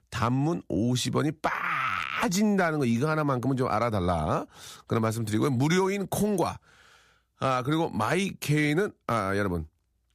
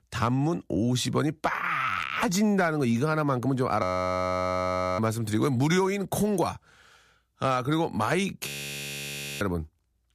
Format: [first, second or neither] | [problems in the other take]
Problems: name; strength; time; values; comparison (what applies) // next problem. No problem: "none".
first | audio freezing; at 4 s for 1 s and at 8.5 s for 1 s